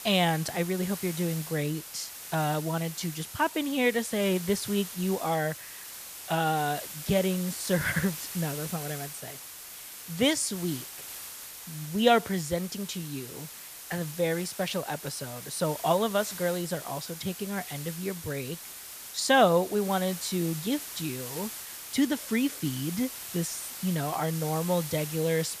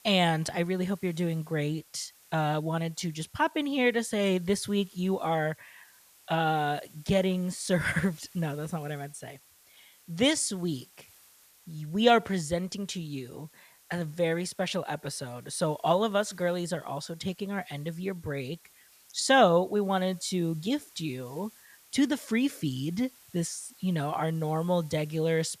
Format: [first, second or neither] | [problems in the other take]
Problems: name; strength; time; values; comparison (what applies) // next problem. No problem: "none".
second | hiss; loud; throughout; 9 dB below the speech; faint in the second